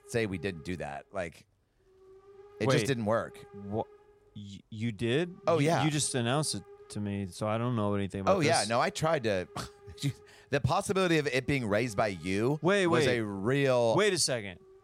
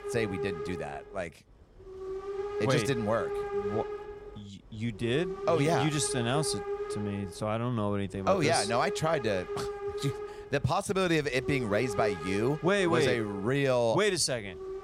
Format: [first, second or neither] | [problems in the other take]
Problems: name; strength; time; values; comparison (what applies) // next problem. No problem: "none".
first | hiss; loud; throughout; 7 dB below the speech; faint in the first